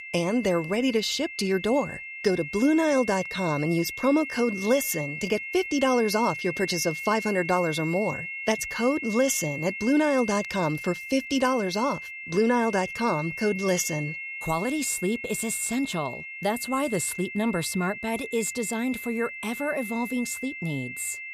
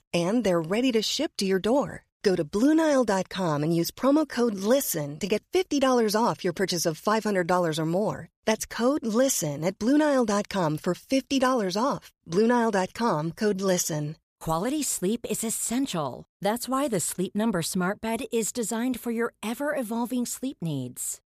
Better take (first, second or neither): second